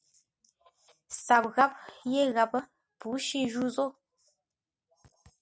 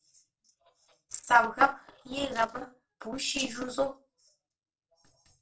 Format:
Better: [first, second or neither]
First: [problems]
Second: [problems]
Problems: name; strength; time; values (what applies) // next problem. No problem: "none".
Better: first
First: none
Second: noise reduction (neural separator model SepFormer DNS4)